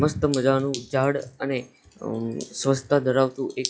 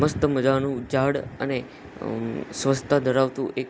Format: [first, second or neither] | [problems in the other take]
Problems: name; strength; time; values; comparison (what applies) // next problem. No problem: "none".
second | noise reduction (classical method log-MMSE)